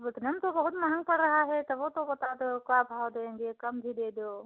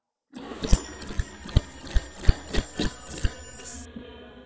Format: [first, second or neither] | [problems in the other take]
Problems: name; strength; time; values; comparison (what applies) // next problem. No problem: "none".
first | noise reduction (neural mask model DeepFilterNet 3)